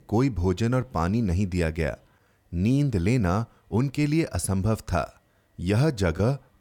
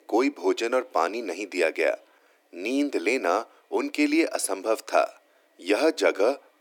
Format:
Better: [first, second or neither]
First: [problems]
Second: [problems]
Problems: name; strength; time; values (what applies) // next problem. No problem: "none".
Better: first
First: none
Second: thin; somewhat; fading below 300 Hz